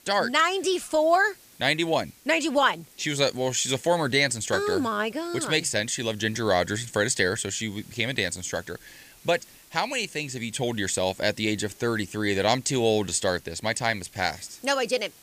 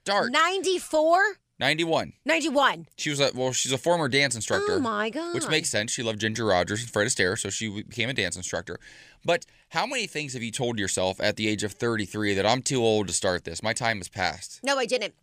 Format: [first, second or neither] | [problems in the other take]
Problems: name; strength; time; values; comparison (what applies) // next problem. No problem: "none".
second | hiss; faint; throughout; 25 dB below the speech